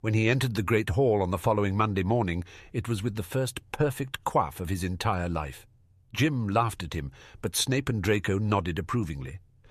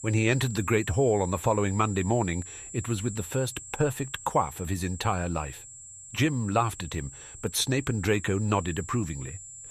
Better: first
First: none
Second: high-pitched whine; noticeable; throughout; 7.5 kHz, 15 dB below the speech

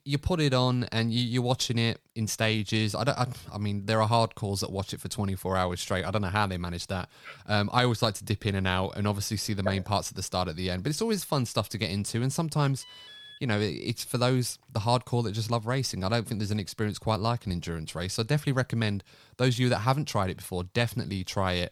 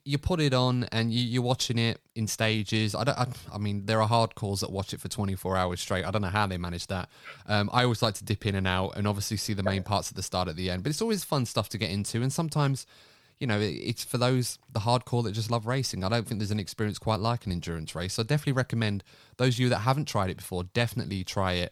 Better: second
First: alarm; faint; at 13 s; peak 15 dB below the speech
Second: none

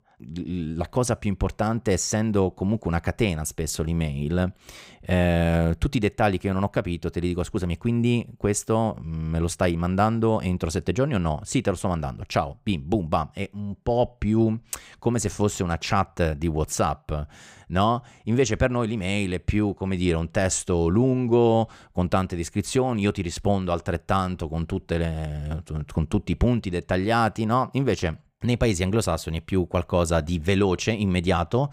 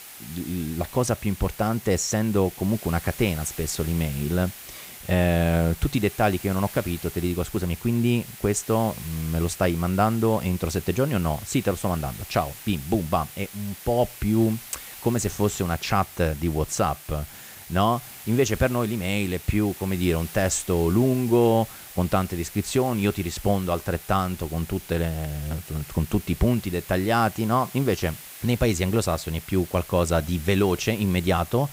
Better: first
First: none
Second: hiss; noticeable; throughout; 15 dB below the speech

